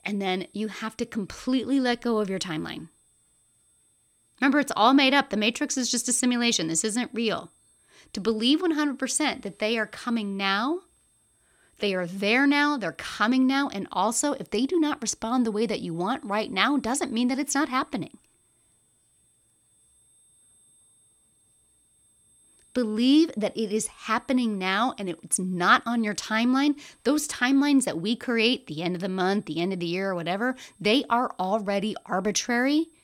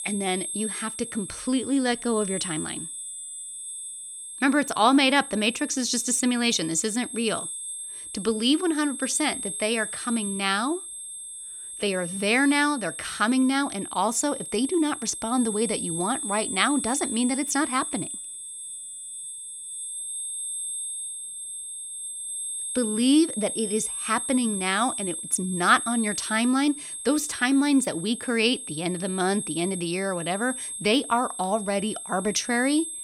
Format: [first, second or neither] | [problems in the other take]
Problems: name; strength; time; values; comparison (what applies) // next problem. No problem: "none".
first | high-pitched whine; loud; throughout; 8.5 kHz, 7 dB below the speech; faint in the first